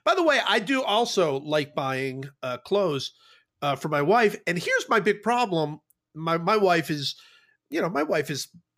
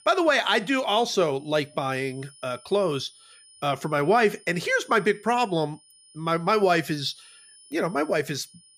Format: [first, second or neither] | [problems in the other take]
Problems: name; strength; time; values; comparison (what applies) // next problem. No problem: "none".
first | high-pitched whine; faint; throughout; 9.5 kHz, 25 dB below the speech